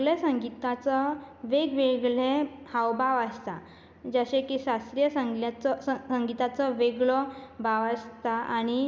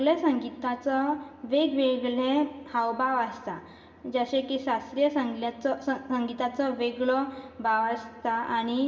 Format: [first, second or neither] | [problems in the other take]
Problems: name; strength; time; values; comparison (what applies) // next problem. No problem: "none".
first | room echo; dies away in 3 s